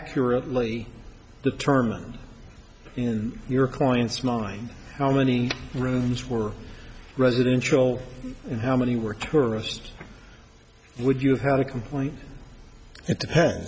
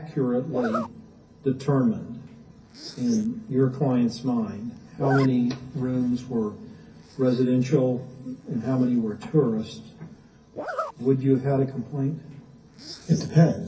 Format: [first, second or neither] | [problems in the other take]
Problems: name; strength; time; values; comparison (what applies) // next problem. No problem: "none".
first | background sound (Zipper (clothing)); 15 dB below the speech // room echo; dies away in 0.3 s